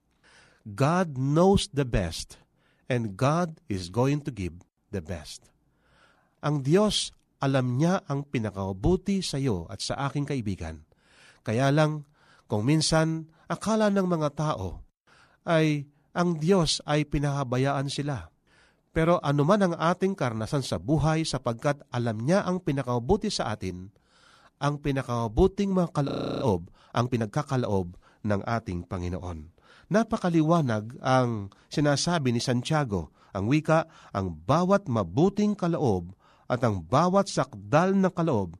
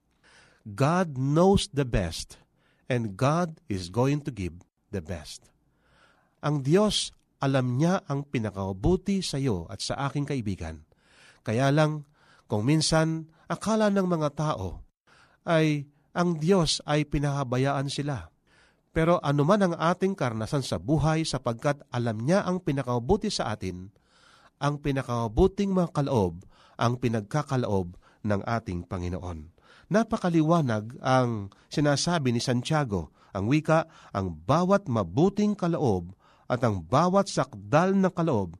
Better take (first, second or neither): second